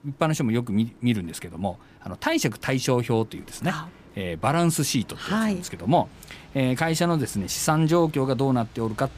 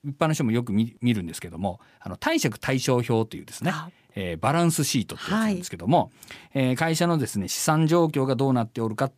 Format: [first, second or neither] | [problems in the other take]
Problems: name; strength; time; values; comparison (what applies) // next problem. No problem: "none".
second | rain or running water; faint; throughout; 25 dB below the speech